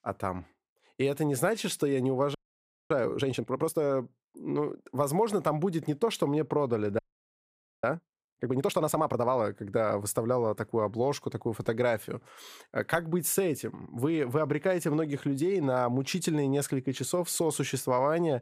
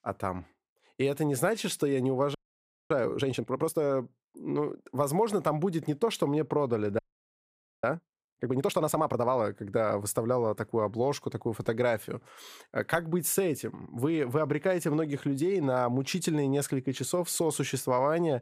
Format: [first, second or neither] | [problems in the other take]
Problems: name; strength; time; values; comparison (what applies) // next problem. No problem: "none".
neither | audio freezing; at 2.5 s for 0.5 s and at 7 s for 1 s; the same in both